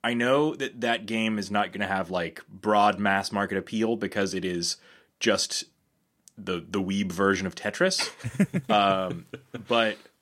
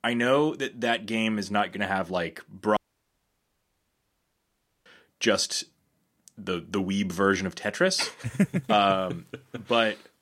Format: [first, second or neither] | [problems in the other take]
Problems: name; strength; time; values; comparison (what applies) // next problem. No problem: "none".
first | audio cutting out; at 3 s for 2 s